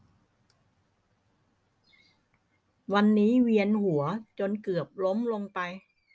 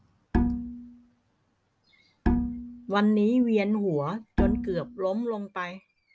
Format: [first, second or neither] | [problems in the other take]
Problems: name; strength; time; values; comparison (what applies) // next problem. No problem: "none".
first | background sound (Bowed string instrument); 1 dB below the speech